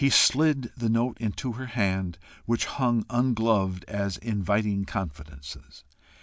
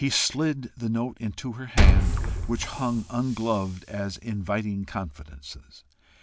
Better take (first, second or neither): first